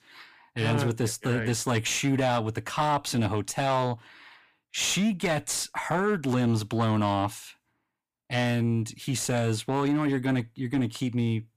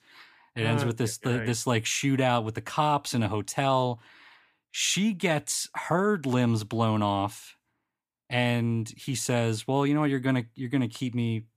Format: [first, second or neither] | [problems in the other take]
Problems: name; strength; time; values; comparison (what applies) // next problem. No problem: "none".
second | distortion; slight; 9 dB below the speech